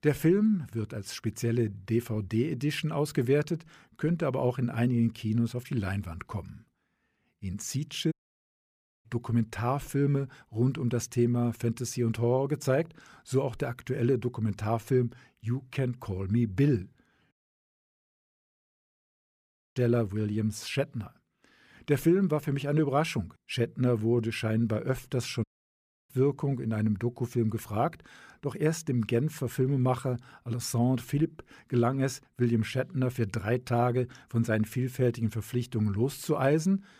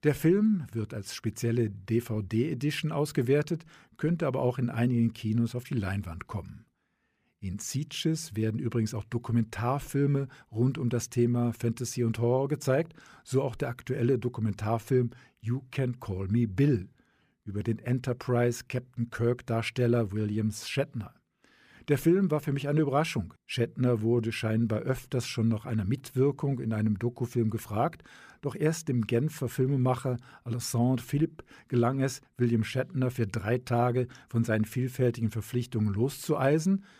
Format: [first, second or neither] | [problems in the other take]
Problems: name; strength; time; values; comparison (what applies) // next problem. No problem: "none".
second | audio cutting out; at 8 s for 1 s, at 17 s for 2.5 s and at 25 s for 0.5 s